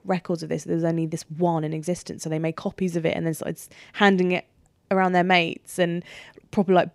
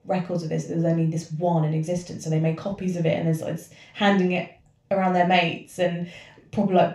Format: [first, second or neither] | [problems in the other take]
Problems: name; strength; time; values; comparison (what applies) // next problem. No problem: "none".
first | room echo; slight; dies away in 0.3 s // off-mic speech; somewhat distant